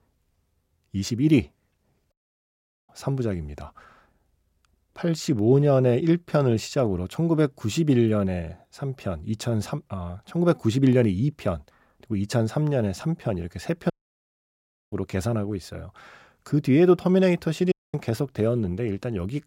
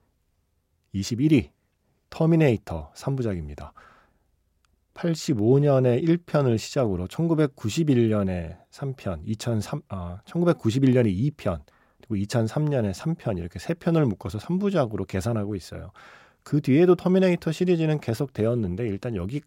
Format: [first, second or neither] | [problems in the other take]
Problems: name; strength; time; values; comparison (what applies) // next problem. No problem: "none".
second | audio cutting out; at 2 s for 1 s, at 14 s for 1 s and at 18 s